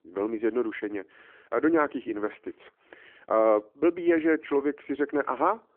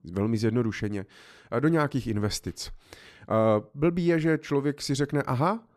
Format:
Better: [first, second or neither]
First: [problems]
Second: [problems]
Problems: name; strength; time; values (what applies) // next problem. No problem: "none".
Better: second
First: phone-call audio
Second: none